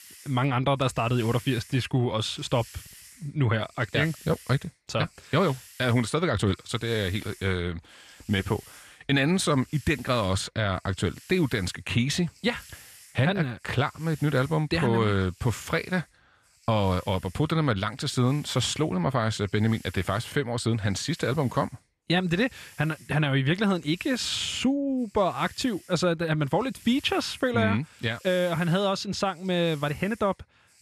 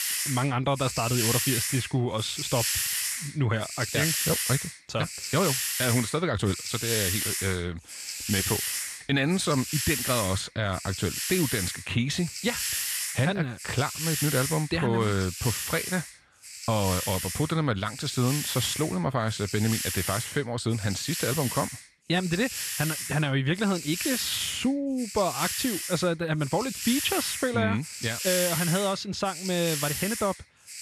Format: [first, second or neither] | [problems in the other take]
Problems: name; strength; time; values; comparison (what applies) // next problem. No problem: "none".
first | hiss; loud; throughout; 2 dB below the speech; faint in the first